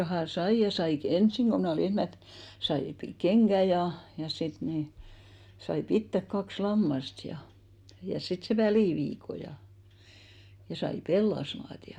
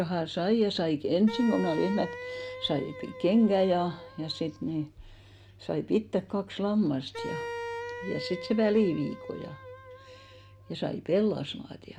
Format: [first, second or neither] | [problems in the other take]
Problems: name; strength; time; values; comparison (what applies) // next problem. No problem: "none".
first | background sound (Wind instrument, woodwind instrument); 11 dB below the speech